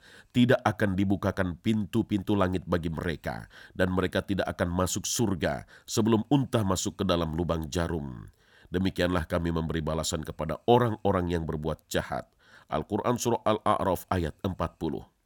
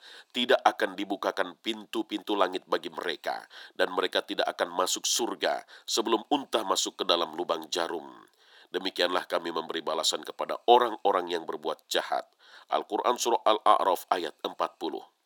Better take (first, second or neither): first